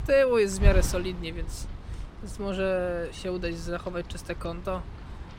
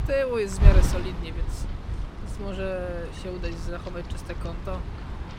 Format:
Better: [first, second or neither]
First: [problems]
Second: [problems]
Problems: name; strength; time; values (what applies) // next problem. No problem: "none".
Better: first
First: wind noise on the microphone; occasional gusts; 15 dB below the speech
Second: wind noise on the microphone; heavy; 7 dB below the speech